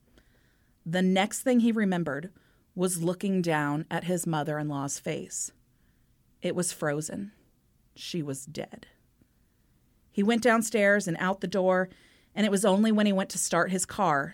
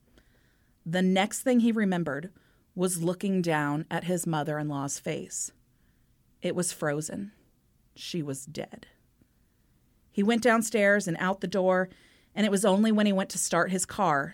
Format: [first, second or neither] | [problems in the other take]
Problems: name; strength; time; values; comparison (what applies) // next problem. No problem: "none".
neither | none